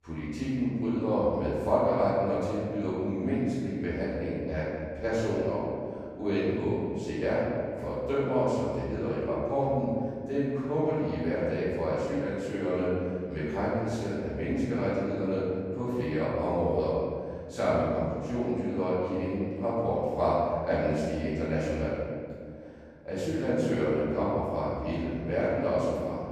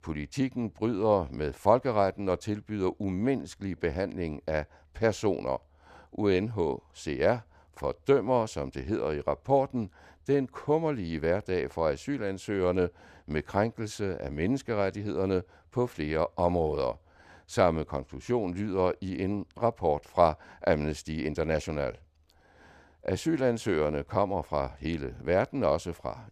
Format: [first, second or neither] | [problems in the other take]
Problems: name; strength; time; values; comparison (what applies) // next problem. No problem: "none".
second | off-mic speech; far // room echo; strong; dies away in 2.1 s